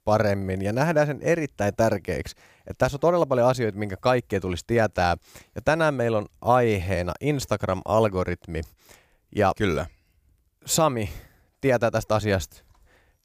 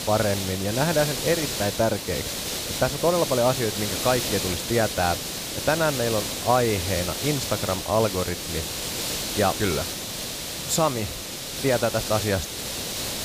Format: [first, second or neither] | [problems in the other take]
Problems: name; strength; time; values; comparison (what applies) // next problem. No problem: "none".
first | hiss; loud; throughout; 3 dB below the speech